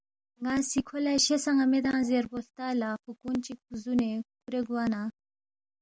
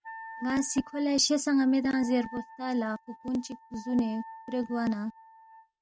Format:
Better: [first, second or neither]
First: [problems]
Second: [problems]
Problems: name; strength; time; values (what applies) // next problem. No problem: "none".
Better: first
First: none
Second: noise reduction (neural mask model RNNoise)